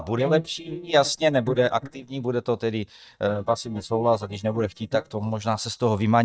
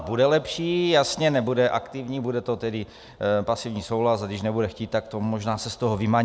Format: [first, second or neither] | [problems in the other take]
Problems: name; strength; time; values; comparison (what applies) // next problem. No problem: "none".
second | noise reduction (neural mask model DeepFilterNet 3)